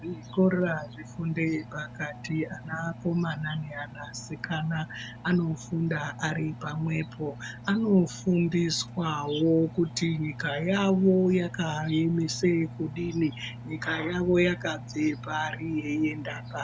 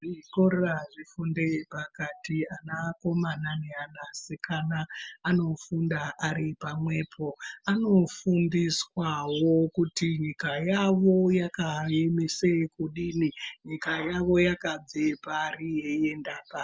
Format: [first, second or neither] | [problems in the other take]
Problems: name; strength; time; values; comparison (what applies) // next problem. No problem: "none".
second | background sound (Engine); 14 dB below the speech